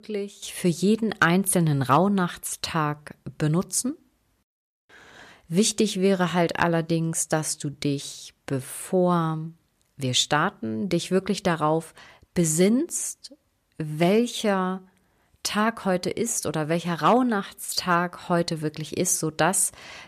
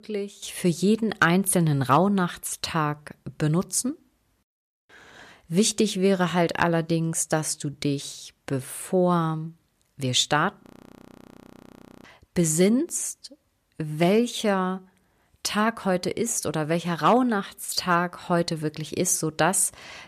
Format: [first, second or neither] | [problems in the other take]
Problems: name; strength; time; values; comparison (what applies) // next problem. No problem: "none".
first | audio freezing; at 11 s for 1.5 s